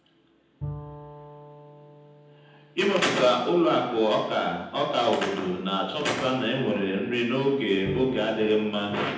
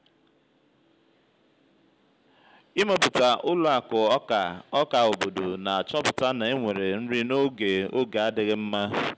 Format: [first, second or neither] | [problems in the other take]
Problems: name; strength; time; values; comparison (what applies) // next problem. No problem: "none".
second | background sound (Bowed string instrument); 18 dB below the speech // room echo; dies away in 0.9 s